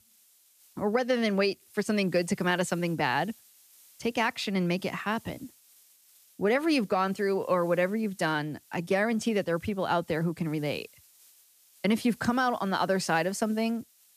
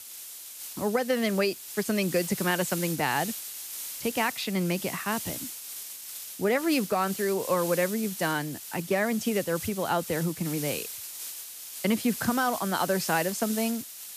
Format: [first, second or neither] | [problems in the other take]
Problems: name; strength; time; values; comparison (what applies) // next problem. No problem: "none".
first | hiss; loud; throughout; 8 dB below the speech; faint in the first